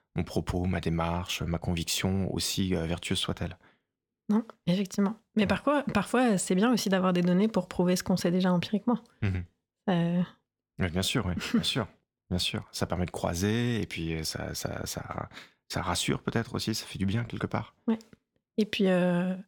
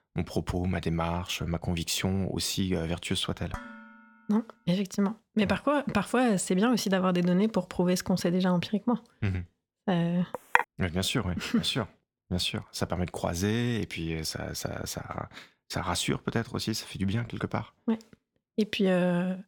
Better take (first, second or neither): first